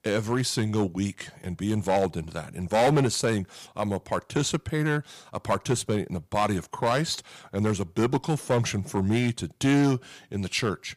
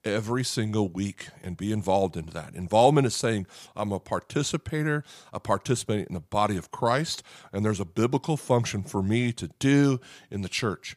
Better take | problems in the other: second | distortion; slight; 4% of the sound clipped

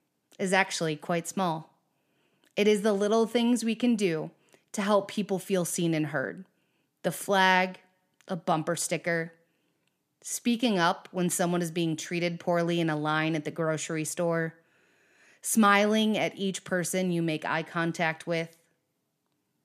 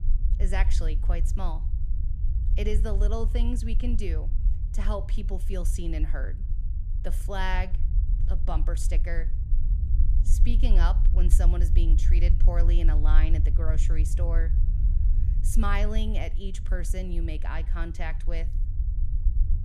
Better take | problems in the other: first | low rumble; noticeable; throughout; 10 dB below the speech

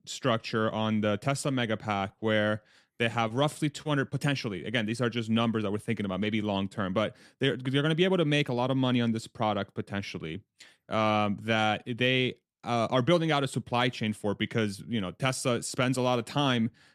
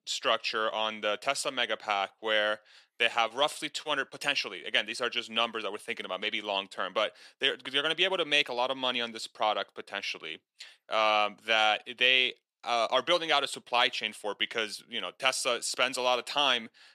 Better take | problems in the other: first | thin; very; fading below 650 Hz

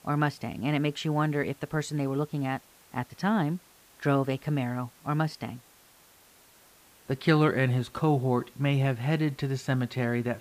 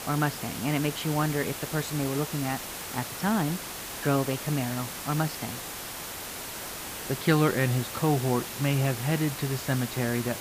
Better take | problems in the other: first | hiss; loud; throughout; 6 dB below the speech; faint in the first

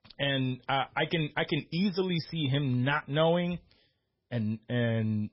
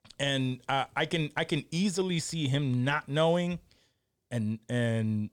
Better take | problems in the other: second | garbled, watery; badly; nothing above 5.5 kHz

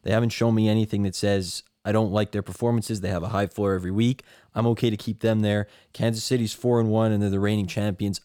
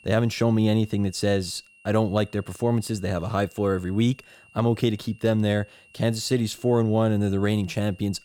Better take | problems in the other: first | high-pitched whine; faint; throughout; 3 kHz, 30 dB below the speech

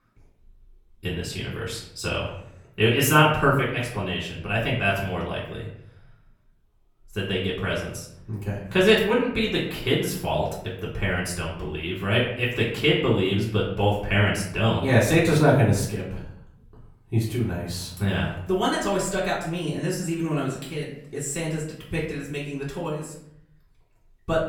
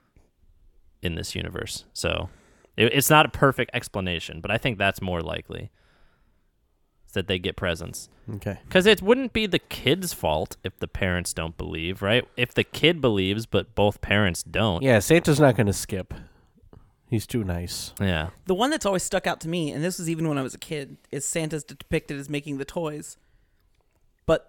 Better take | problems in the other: second | off-mic speech; far // room echo; noticeable; dies away in 0.6 s

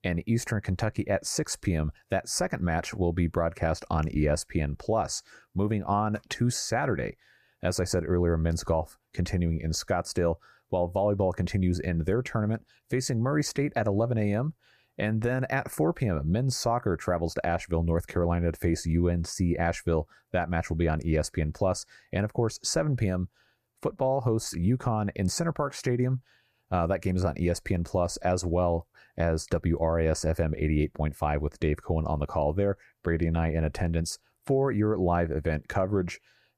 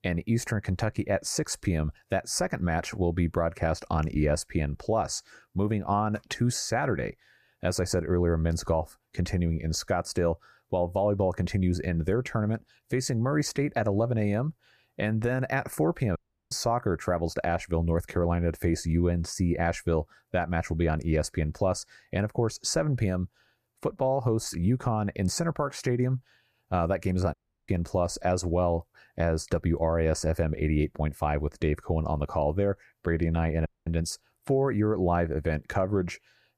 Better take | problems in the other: first | audio cutting out; at 16 s, at 27 s and at 34 s

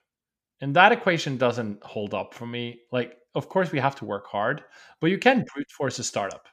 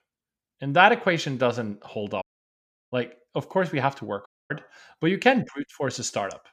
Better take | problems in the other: first | audio cutting out; at 2 s for 0.5 s and at 4.5 s

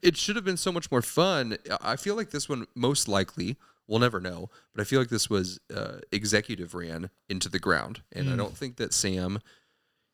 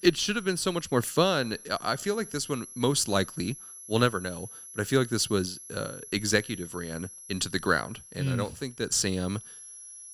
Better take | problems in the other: first | high-pitched whine; noticeable; throughout; 11 kHz, 15 dB below the speech

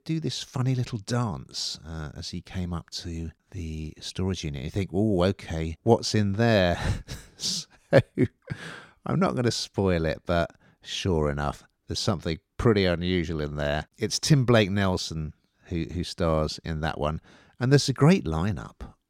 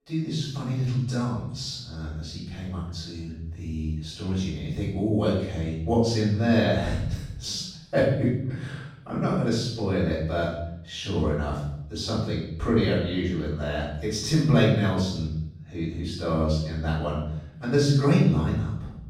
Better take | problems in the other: first | off-mic speech; far // room echo; noticeable; dies away in 0.8 s

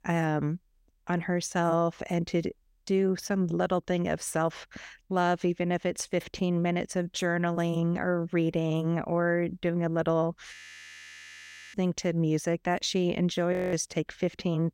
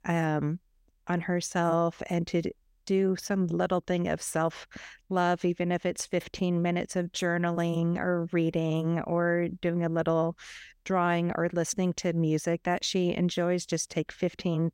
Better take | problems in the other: second | audio freezing; at 11 s for 1 s and at 14 s

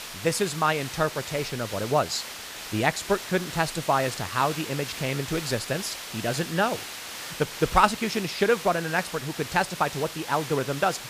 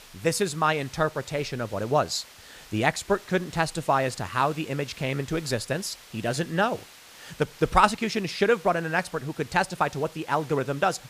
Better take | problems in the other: second | hiss; loud; throughout; 9 dB below the speech; faint in the second

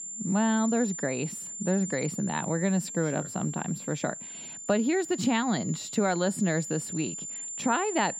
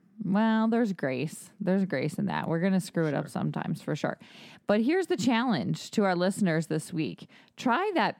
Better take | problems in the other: second | high-pitched whine; loud; throughout; 7 kHz, 7 dB below the speech

